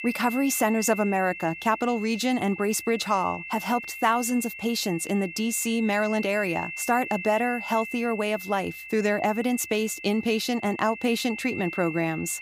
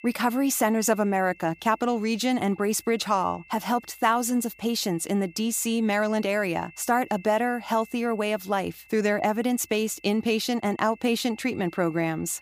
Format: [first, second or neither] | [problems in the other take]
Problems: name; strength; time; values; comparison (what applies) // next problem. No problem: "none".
second | high-pitched whine; loud; throughout; 2.5 kHz, 10 dB below the speech; faint in the second